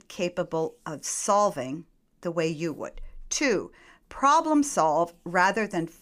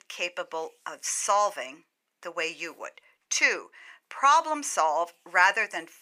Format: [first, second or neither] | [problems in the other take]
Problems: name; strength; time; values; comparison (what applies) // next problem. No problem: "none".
first | thin; very; fading below 750 Hz